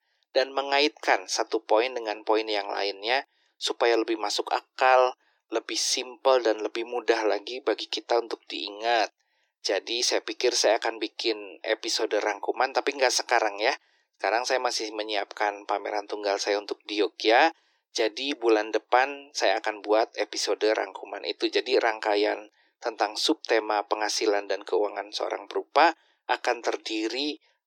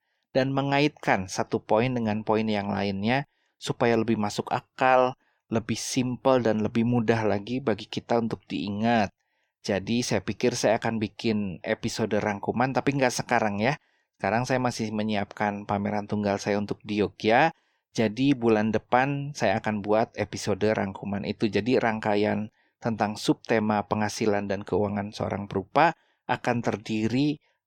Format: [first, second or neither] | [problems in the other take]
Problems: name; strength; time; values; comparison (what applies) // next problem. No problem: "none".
second | thin; very; fading below 300 Hz